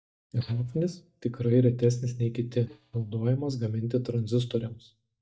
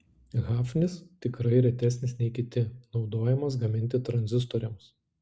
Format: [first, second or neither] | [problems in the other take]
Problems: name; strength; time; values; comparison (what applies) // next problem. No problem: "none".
second | noise reduction (neural mask model DeepFilterNet 3)